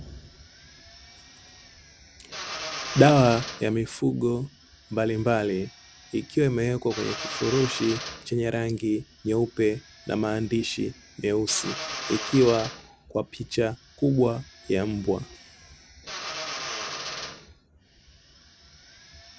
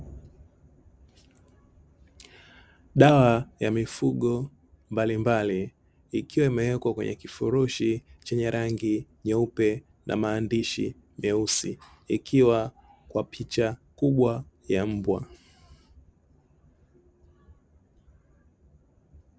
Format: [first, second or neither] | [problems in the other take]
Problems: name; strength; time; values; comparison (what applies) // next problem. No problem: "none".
second | background sound (Drill); 12 dB below the speech